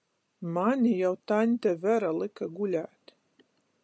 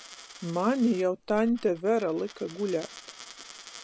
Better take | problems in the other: first | background sound (Coin (dropping)); 19 dB below the speech

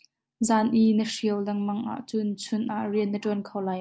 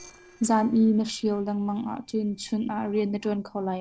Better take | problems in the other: first | noise reduction (neural separator model SepFormer DNS4)

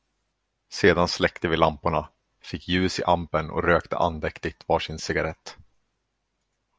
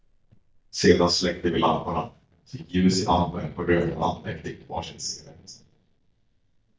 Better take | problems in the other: first | noise reduction (neural mask model DeepFilterNet 3)

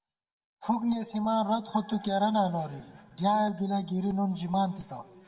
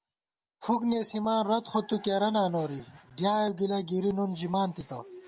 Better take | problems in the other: second | room echo; dies away in 1.1 s

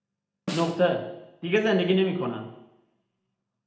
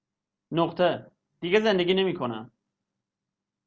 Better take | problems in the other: second | background sound (Snare drum); 13 dB below the speech // room echo; dies away in 0.7 s

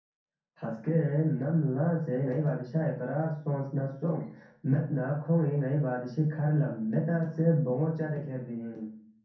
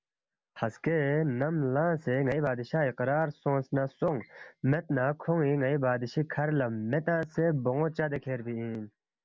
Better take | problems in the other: second | room echo; dies away in 0.6 s

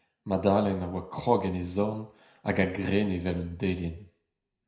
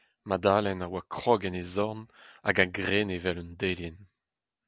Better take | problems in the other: second | room echo; dies away in 0.5 s

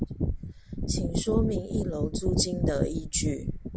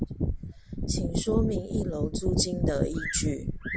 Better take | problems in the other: first | background sound (Bird vocalization, bird call, bird song); 16 dB below the speech

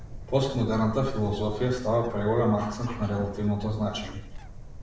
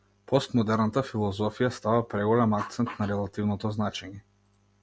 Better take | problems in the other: second | background sound (Bird); 11 dB below the speech // room echo; dies away in 0.6 s

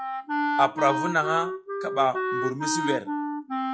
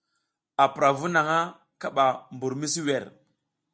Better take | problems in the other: second | noise reduction (classical method log-MMSE)

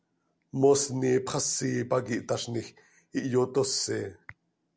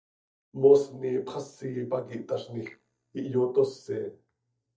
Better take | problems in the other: first | noise reduction (neural mask model DeepFilterNet 3)

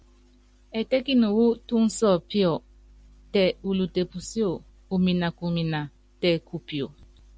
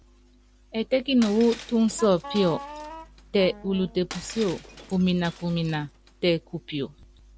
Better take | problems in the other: first | background sound (Wind instrument, woodwind instrument + Shatter); 16 dB below the speech

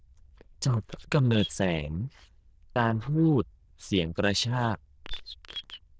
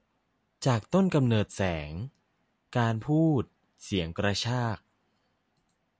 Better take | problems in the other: second | noise reduction (neural diffusion model UNIVERSE++)

